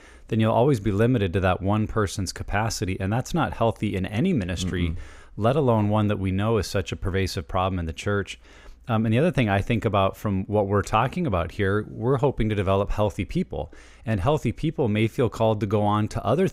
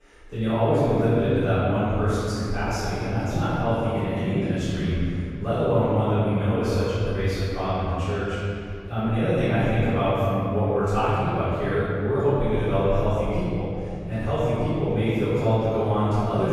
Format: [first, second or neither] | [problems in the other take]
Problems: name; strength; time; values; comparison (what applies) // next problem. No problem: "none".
first | off-mic speech; far // room echo; strong; dies away in 2.3 s